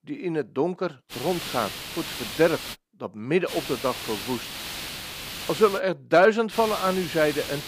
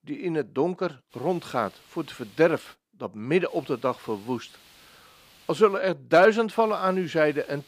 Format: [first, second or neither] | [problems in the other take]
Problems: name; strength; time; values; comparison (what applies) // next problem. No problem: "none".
second | hiss; loud; from 1 to 2.5 s, from 3.5 to 6 s and from 6.5 s on; 8 dB below the speech; faint in the second